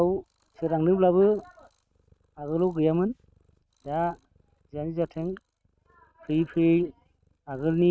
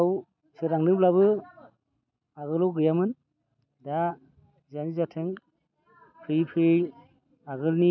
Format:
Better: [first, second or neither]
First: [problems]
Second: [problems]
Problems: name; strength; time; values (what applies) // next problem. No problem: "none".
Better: second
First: noise reduction (neural mask model RNNoise)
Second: none